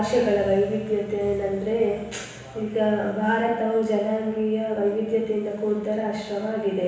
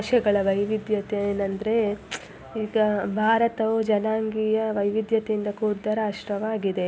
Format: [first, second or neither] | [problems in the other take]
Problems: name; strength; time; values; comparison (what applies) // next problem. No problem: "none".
second | room echo; dies away in 1.1 s